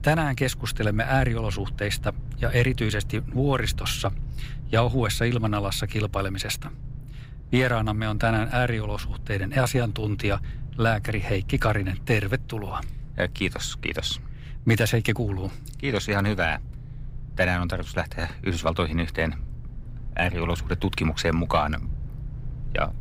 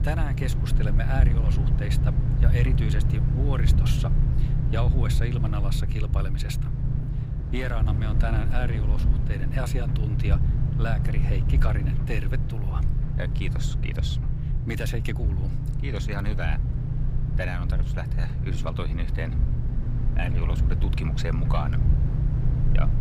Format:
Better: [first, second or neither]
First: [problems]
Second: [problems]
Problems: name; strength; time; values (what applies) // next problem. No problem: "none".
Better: first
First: low rumble; faint; throughout; 25 dB below the speech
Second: low rumble; loud; throughout; 3 dB below the speech